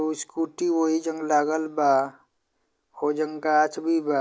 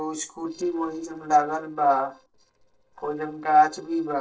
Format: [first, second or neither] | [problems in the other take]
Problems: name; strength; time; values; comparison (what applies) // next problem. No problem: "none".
first | noise reduction (neural separator model SepFormer DNS4)